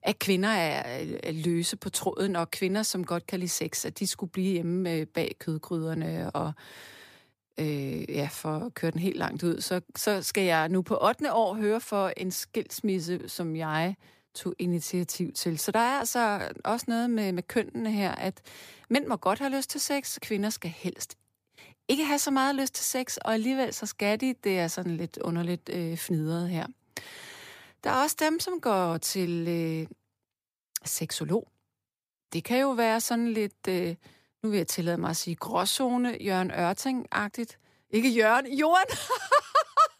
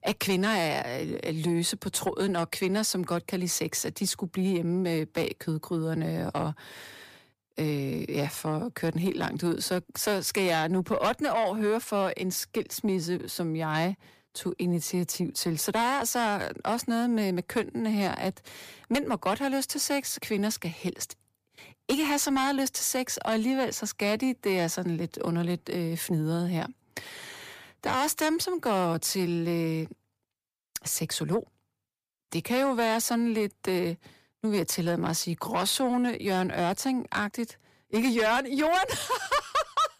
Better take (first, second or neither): first